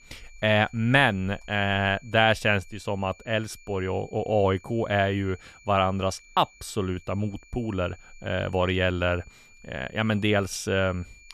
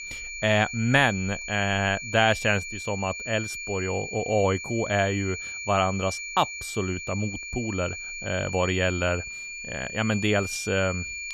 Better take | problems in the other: first | high-pitched whine; loud; throughout; 2.5 kHz, 7 dB below the speech; faint in the first

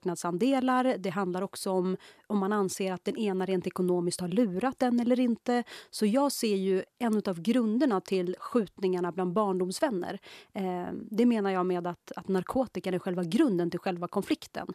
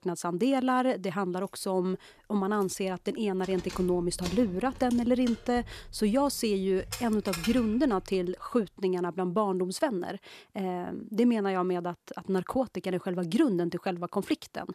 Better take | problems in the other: first | jangling keys; noticeable; from 2.5 to 8 s; peak 7 dB below the speech

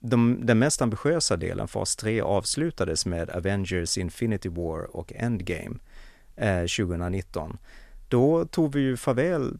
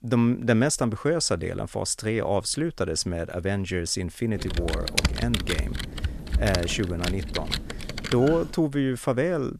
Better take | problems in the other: first | keyboard typing; loud; from 4.5 to 8.5 s; peak 1 dB above the speech

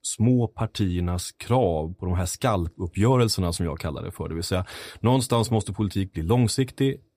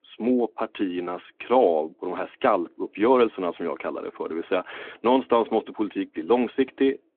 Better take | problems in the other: first | phone-call audio

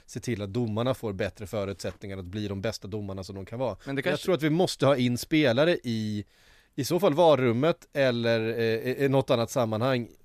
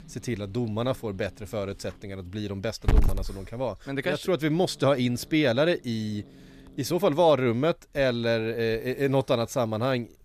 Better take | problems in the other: first | hiss; loud; throughout; 1 dB below the speech

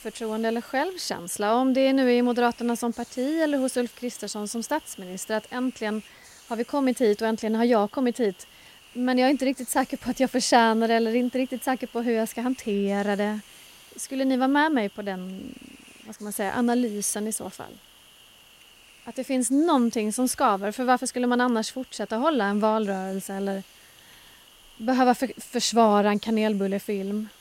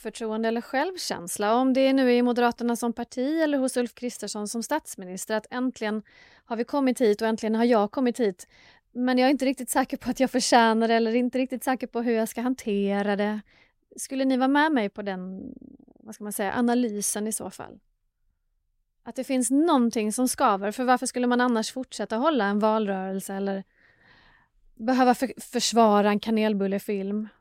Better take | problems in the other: second | hiss; faint; throughout; 25 dB below the speech

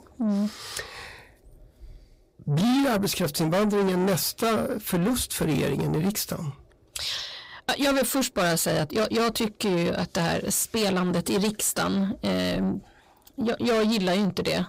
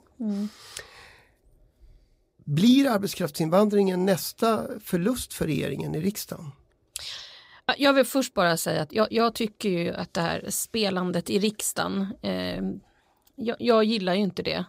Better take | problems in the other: second | distortion; heavy; 6 dB below the speech

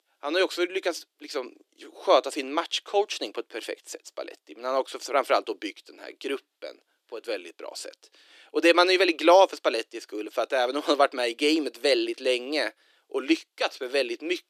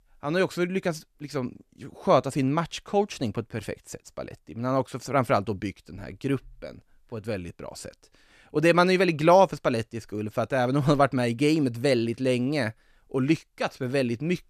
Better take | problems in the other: second | thin; somewhat; fading below 300 Hz

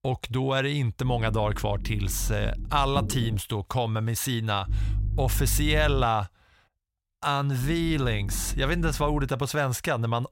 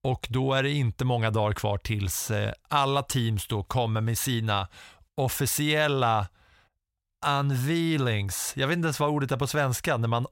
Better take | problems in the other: second | low rumble; noticeable; from 1 to 3.5 s, from 4.5 to 6 s and from 7.5 to 9.5 s; 20 dB below the speech

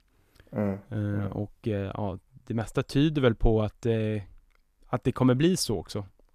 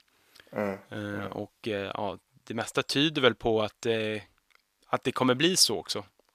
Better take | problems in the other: first | thin; somewhat; fading below 750 Hz

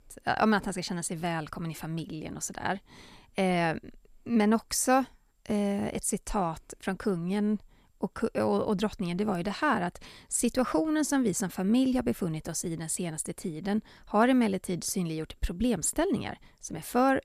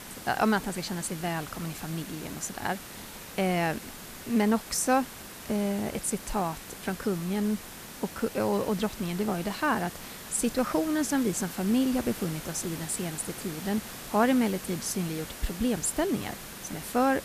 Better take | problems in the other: first | hiss; noticeable; throughout; 10 dB below the speech

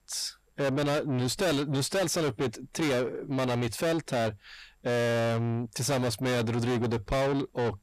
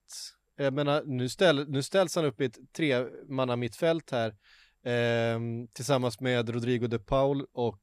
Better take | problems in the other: second | distortion; heavy; 6 dB below the speech

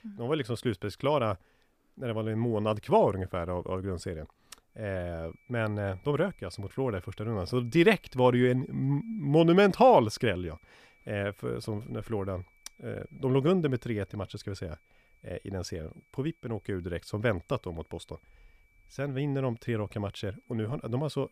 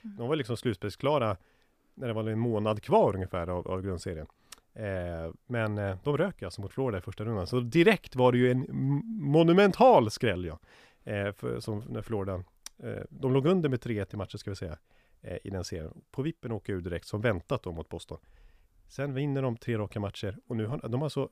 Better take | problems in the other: second | high-pitched whine; faint; from 5 s on; 2.5 kHz, 35 dB below the speech

